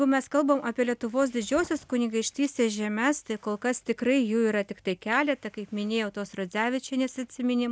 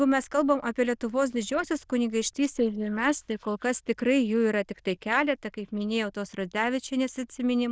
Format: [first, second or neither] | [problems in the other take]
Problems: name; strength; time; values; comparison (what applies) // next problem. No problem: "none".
first | noise reduction (neural diffusion model UNIVERSE++)